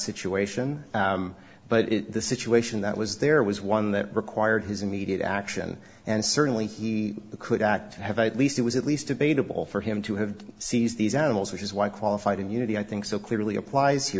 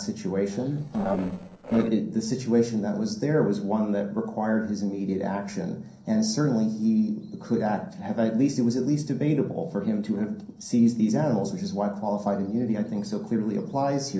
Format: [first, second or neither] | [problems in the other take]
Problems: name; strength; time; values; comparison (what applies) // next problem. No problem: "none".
first | noise reduction (neural separator model SepFormer DNS4)